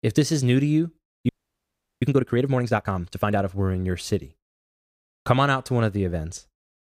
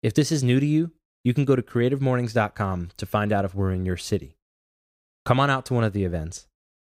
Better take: second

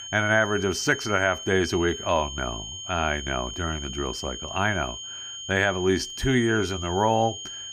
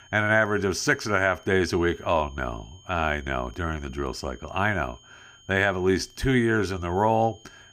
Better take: second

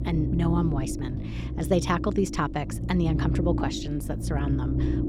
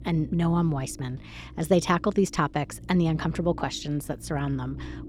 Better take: second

